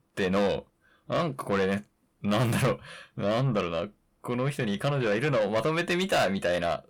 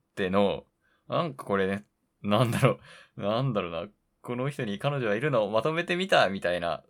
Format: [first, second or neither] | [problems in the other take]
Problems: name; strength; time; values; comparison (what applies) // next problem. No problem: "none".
second | distortion; heavy; 8 dB below the speech